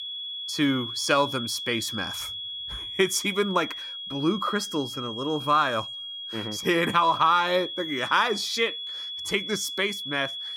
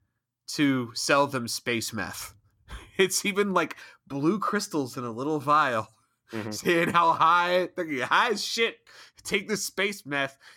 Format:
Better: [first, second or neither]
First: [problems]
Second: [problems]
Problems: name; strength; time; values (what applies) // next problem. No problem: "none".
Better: second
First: high-pitched whine; loud; throughout; 3.5 kHz, 7 dB below the speech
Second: none